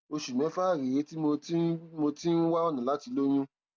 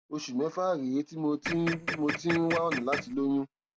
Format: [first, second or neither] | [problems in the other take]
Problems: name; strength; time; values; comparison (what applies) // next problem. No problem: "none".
first | background sound (Printer); 5 dB below the speech